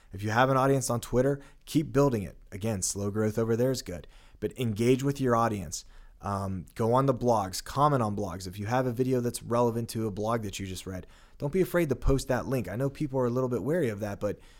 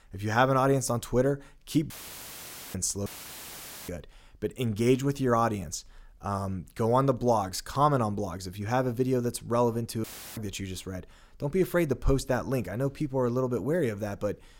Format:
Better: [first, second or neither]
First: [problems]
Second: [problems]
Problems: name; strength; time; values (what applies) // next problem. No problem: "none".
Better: first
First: none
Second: audio cutting out; filled with static; at 2 s for 1 s, at 3 s for 1 s and at 10 s